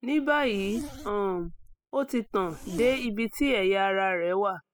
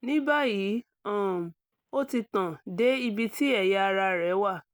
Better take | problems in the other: second | noise reduction (classical method spectral subtraction)

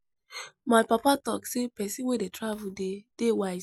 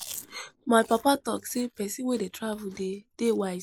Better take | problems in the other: first | noise reduction (neural mask model Resemble Enhance denoiser)

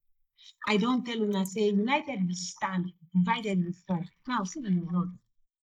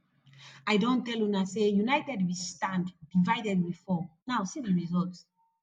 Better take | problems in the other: second | noise reduction (neural mask model Resemble Enhance denoiser)

